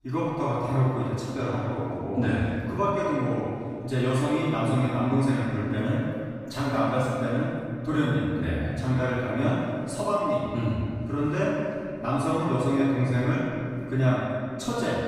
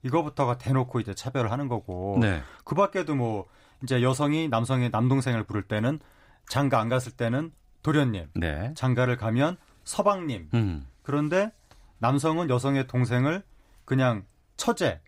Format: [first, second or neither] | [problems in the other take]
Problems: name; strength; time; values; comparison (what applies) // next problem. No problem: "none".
second | off-mic speech; far // room echo; strong; dies away in 2 s